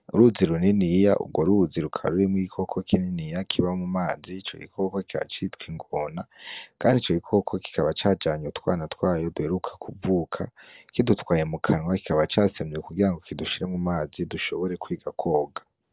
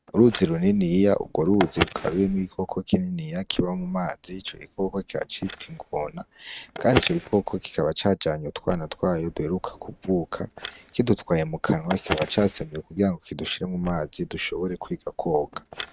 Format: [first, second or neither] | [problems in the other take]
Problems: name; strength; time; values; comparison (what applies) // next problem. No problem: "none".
first | noise reduction (neural mask model RNNoise)